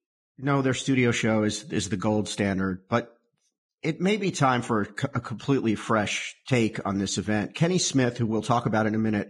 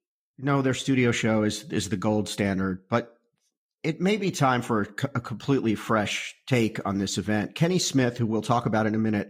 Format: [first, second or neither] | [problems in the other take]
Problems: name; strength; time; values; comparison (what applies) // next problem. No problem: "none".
second | garbled, watery; badly; nothing above 10 kHz; slightly in the second